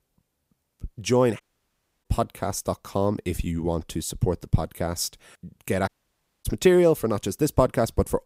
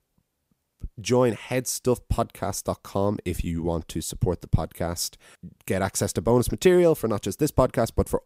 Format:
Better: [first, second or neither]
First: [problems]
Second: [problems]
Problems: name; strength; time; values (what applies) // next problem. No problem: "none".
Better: second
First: audio cutting out; at 1.5 s for 0.5 s and at 6 s for 0.5 s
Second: none